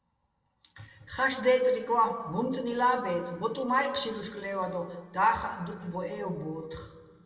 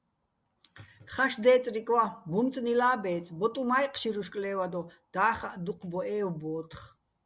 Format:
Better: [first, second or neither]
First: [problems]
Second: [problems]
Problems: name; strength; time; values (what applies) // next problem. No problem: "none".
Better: second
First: room echo; dies away in 1.5 s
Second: none